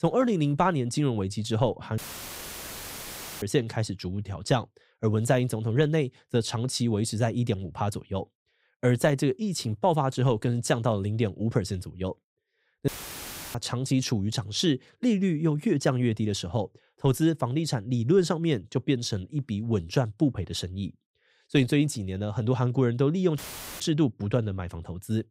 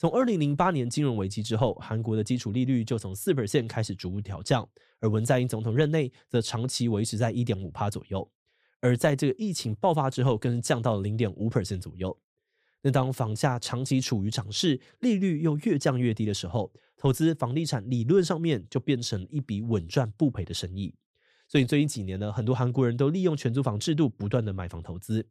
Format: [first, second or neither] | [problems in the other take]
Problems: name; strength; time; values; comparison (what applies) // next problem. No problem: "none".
second | audio cutting out; filled with static; at 2 s for 1.5 s, at 13 s for 0.5 s and at 23 s